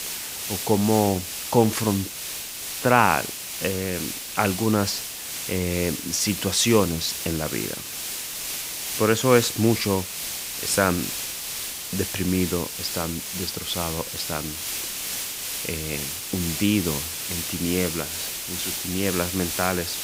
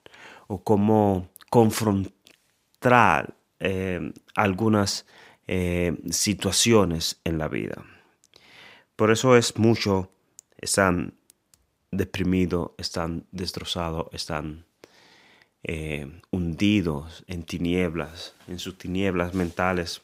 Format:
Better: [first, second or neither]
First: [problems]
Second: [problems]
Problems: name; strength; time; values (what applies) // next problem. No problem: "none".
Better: second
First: hiss; loud; throughout; 4 dB below the speech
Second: none